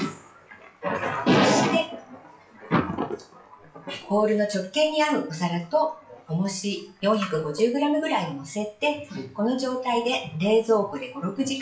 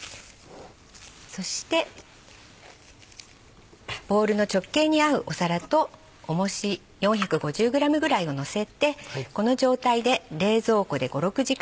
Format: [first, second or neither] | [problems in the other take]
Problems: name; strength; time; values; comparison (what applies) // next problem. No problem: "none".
second | noise reduction (classical method WPE with log-MMSE)